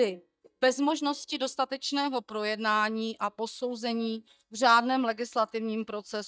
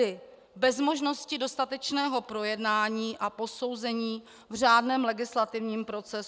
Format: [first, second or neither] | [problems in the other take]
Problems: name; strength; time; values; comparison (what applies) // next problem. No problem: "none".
second | noise reduction (neural mask model DeepFilterNet 3)